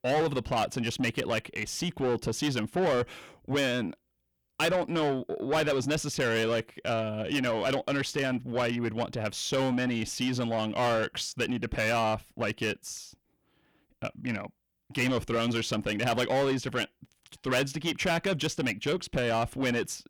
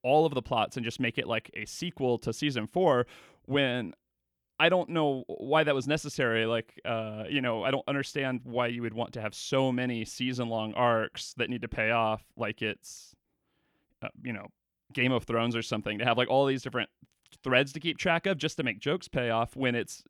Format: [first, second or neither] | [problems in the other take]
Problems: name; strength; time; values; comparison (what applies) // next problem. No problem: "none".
second | distortion; heavy; 7 dB below the speech